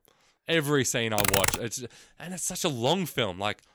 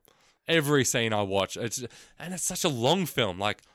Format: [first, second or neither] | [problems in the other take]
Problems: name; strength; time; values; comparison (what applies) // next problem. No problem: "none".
second | keyboard typing; loud; at 1 s; peak 4 dB above the speech